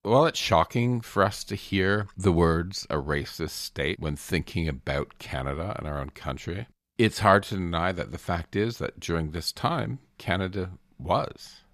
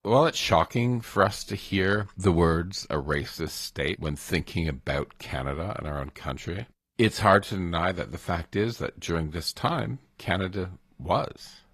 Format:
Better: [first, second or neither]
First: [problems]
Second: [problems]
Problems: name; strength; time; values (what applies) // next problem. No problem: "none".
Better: first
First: none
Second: garbled, watery; slightly; nothing above 14.5 kHz